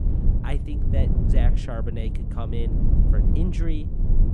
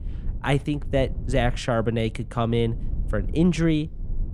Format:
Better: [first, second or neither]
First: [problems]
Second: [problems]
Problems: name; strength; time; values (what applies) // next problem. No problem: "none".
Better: second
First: low rumble; loud; throughout; 1 dB below the speech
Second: low rumble; faint; throughout; 20 dB below the speech